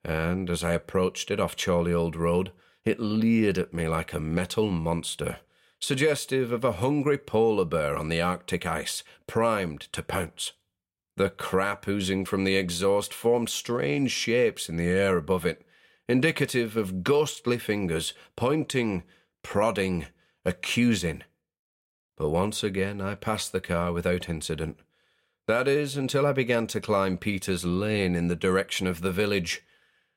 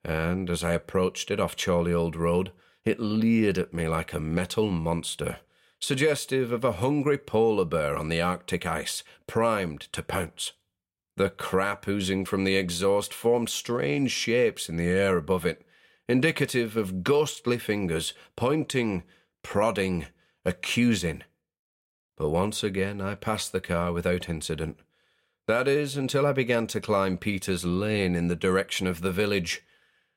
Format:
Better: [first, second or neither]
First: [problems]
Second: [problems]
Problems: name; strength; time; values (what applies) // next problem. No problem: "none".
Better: neither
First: none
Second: none